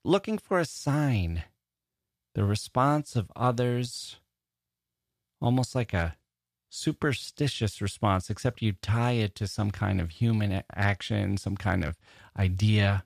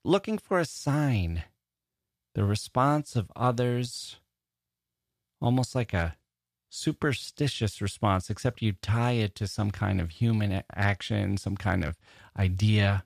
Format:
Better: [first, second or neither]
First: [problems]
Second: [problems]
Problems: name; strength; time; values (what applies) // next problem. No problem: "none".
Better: neither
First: none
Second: none